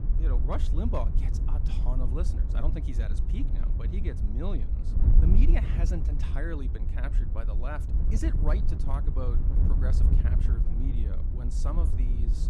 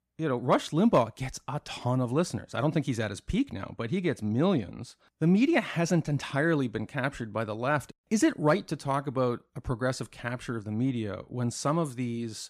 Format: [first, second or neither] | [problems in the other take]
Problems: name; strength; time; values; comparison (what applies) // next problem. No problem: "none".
second | wind noise on the microphone; heavy; 4 dB below the speech